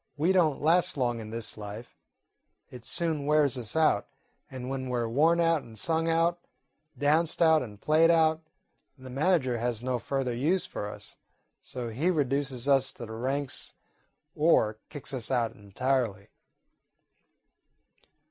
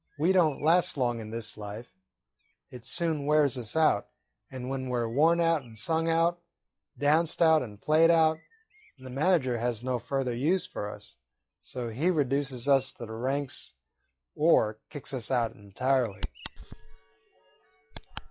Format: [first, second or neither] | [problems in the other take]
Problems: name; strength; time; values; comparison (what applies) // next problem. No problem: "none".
first | noise reduction (classical method log-MMSE)